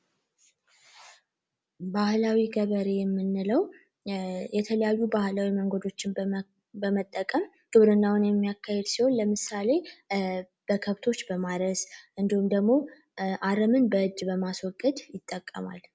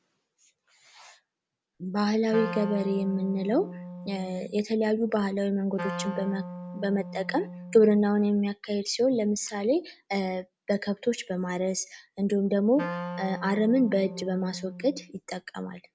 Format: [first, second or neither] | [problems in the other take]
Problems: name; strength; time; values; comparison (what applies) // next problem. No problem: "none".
first | background sound (Wind instrument, woodwind instrument); 11 dB below the speech